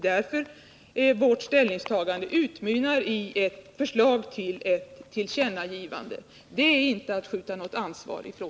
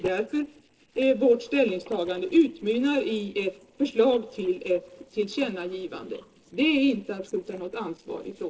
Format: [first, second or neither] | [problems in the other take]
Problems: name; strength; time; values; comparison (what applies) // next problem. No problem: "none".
first | noise reduction (neural separator model SepFormer DNS4)